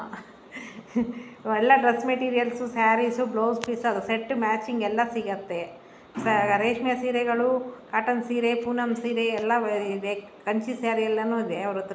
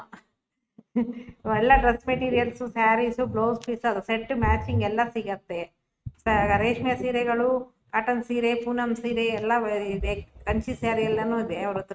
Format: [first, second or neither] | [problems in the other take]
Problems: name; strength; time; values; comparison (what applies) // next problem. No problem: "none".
first | noise reduction (neural mask model RNNoise)